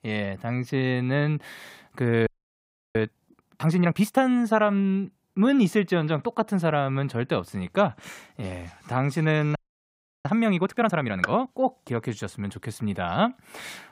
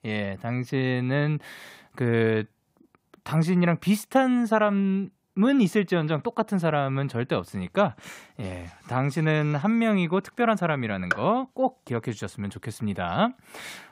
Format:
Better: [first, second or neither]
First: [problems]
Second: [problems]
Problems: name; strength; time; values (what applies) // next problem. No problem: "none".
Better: second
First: audio freezing; at 2.5 s for 0.5 s and at 9.5 s for 0.5 s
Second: none